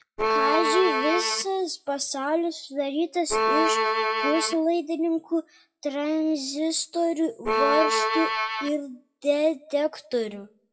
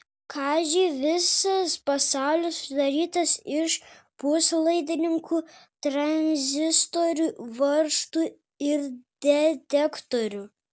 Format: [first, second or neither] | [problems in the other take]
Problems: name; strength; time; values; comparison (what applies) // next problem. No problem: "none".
second | noise reduction (classical method WPE with log-MMSE)